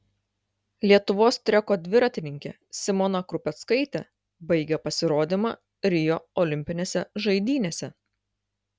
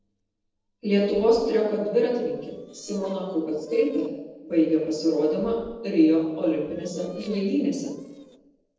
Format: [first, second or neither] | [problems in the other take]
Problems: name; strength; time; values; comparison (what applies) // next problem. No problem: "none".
first | noise reduction (neural separator model SepFormer DNS4)